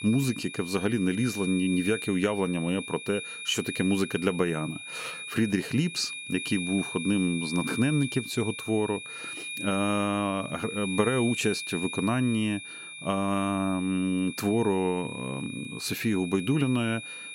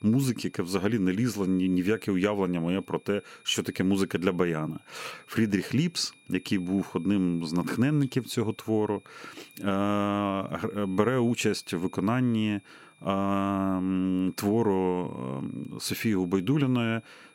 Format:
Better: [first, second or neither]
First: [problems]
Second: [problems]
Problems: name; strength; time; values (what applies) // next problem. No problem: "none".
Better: second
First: high-pitched whine; loud; throughout; 2.5 kHz, 8 dB below the speech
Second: high-pitched whine; faint; throughout; 2.5 kHz, 30 dB below the speech